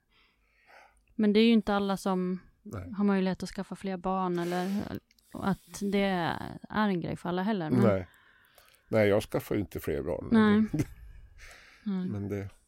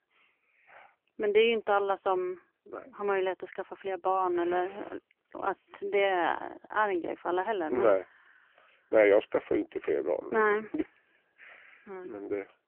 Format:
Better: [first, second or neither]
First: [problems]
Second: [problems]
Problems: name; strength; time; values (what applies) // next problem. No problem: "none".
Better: first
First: none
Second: phone-call audio; poor line; nothing above 3 kHz